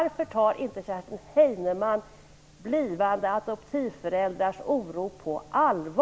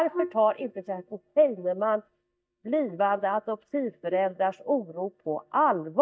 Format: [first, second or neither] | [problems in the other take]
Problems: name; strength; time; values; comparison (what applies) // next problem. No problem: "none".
first | noise reduction (neural mask model DeepFilterNet 3)